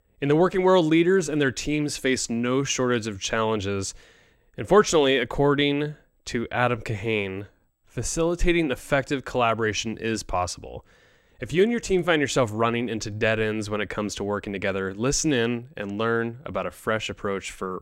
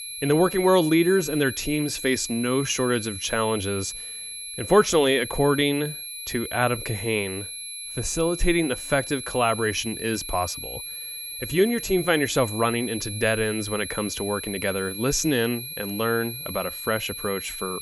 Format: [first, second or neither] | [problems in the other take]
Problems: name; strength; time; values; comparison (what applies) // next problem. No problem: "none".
first | high-pitched whine; loud; throughout; 11 kHz, 8 dB below the speech